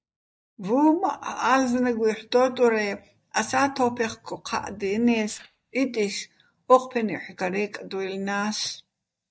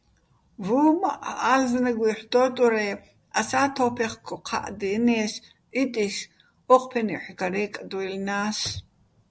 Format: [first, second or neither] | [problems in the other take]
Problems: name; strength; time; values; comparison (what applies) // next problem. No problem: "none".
second | noise reduction (neural mask model DeepFilterNet 3)